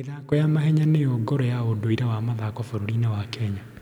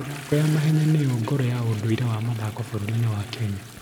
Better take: first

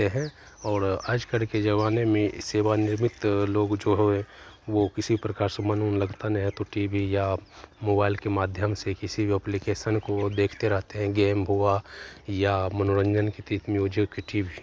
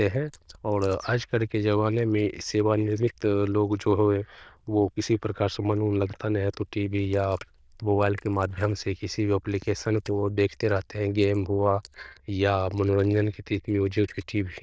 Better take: first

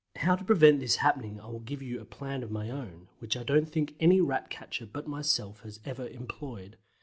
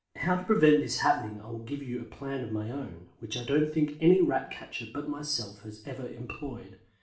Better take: first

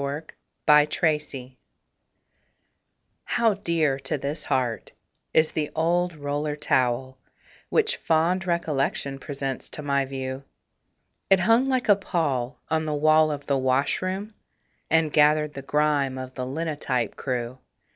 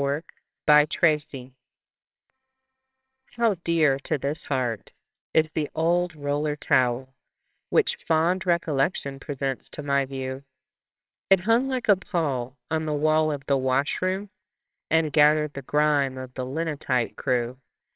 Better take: first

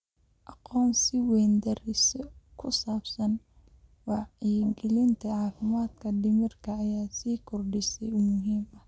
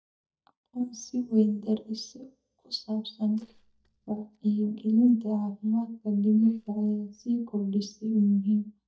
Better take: first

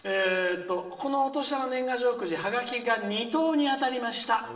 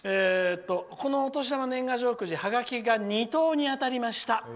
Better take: second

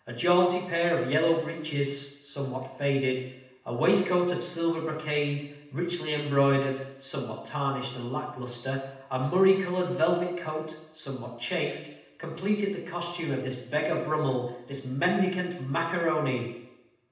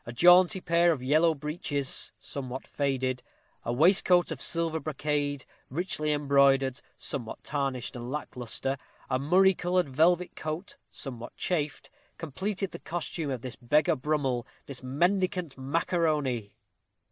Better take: second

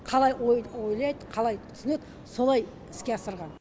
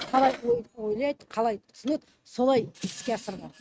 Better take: first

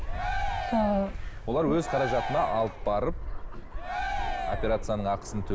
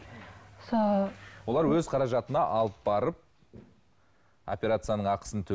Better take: second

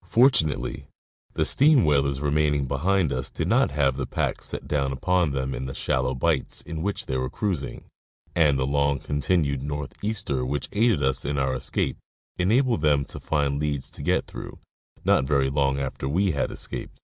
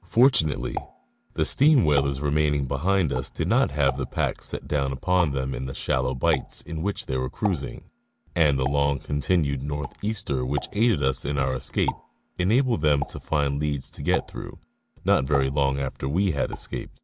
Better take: first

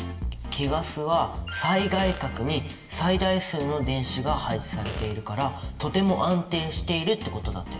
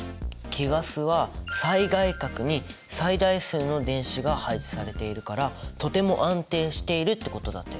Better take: second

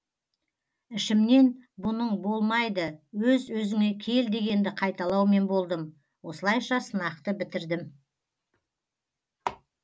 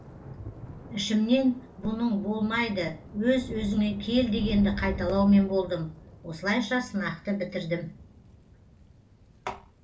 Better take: first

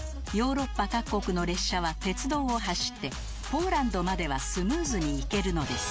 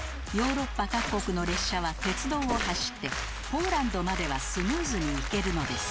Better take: first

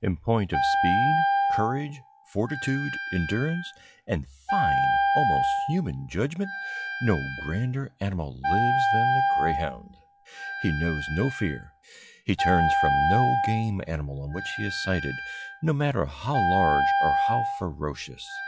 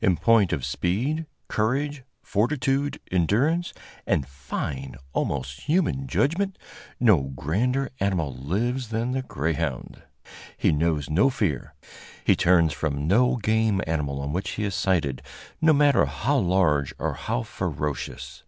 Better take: second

